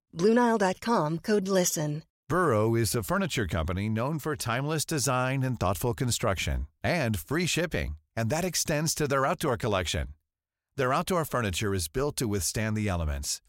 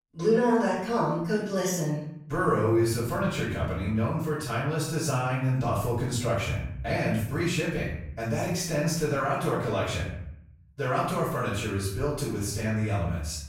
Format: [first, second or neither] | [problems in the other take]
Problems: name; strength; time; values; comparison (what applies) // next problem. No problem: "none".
first | off-mic speech; far // room echo; noticeable; dies away in 0.7 s